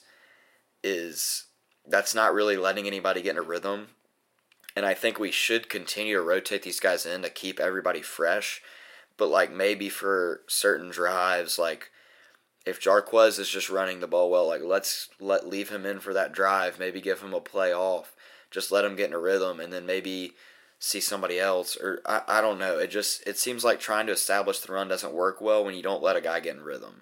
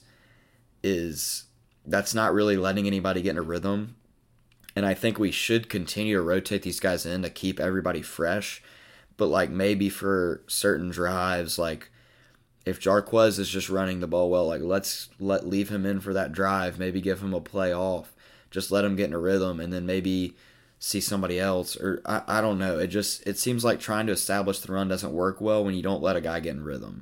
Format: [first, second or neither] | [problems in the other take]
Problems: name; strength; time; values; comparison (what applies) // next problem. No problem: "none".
second | thin; somewhat; fading below 550 Hz